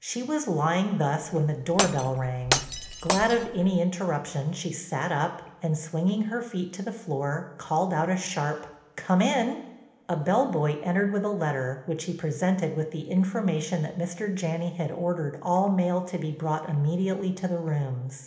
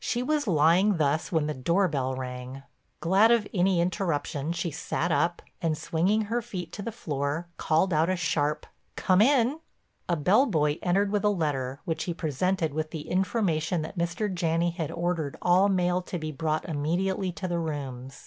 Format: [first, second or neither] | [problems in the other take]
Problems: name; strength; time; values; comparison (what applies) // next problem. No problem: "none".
second | background sound (Glass); 4 dB below the speech // room echo; dies away in 1 s